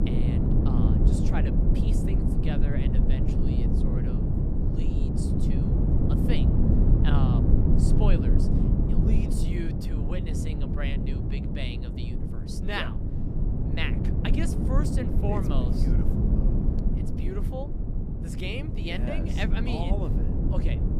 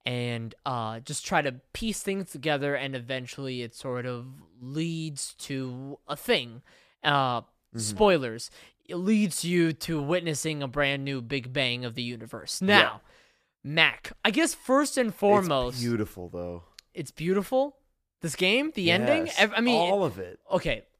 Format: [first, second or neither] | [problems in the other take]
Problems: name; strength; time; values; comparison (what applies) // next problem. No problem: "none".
second | wind noise on the microphone; heavy; 1 dB above the speech